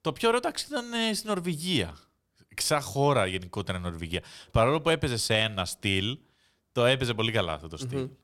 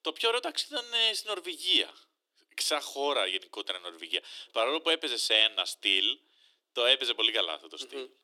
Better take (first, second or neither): first